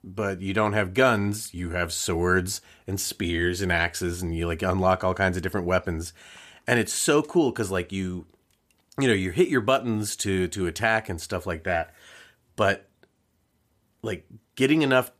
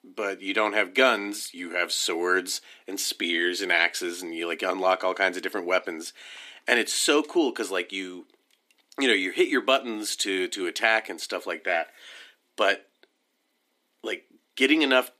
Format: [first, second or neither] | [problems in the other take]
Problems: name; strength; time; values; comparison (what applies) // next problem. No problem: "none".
first | thin; very slightly; fading below 250 Hz